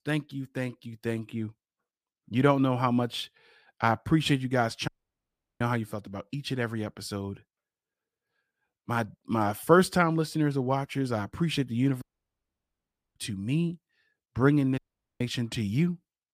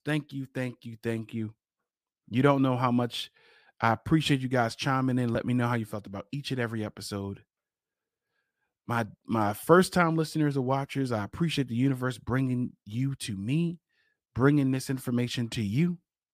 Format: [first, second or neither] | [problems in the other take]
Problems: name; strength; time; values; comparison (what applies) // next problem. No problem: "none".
second | audio cutting out; at 5 s for 0.5 s, at 12 s for 1 s and at 15 s